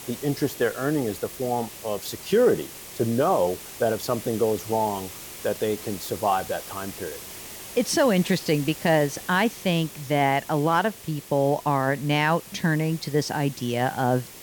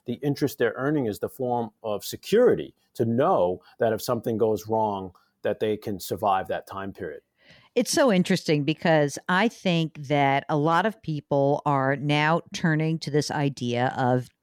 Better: second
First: hiss; noticeable; throughout; 15 dB below the speech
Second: none

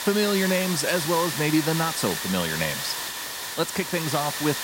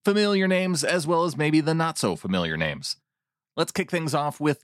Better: second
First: hiss; loud; throughout; 3 dB below the speech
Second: none

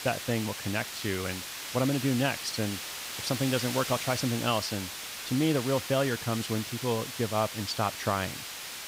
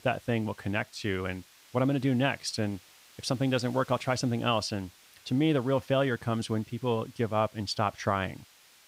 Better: second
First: hiss; loud; throughout; 5 dB below the speech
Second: hiss; faint; throughout; 25 dB below the speech

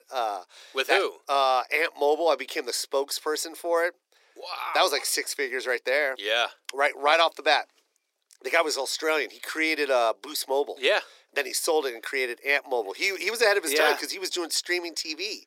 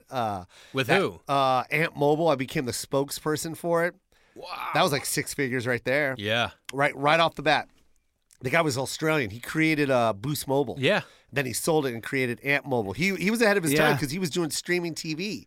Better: second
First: thin; very; fading below 350 Hz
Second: none

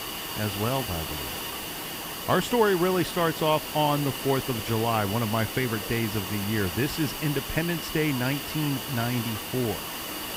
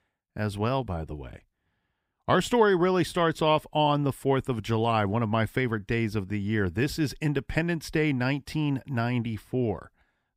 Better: second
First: hiss; loud; throughout; 5 dB below the speech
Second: none

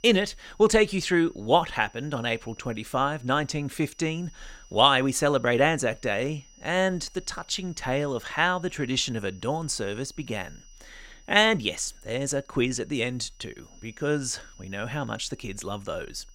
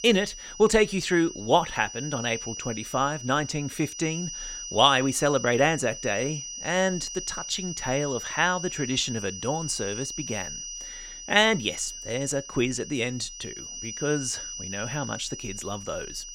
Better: first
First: high-pitched whine; faint; throughout; 6 kHz, 30 dB below the speech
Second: high-pitched whine; loud; throughout; 6 kHz, 9 dB below the speech

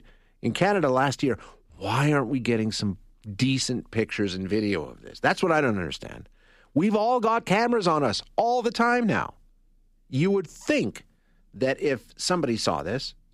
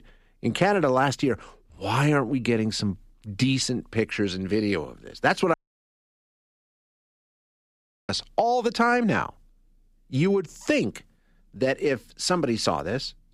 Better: first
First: none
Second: audio cutting out; at 5.5 s for 2.5 s

